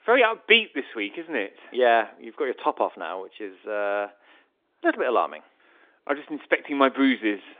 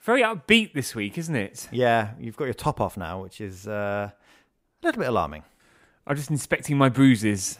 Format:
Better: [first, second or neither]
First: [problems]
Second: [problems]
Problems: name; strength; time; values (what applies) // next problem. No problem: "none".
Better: second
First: phone-call audio; nothing above 3.5 kHz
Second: none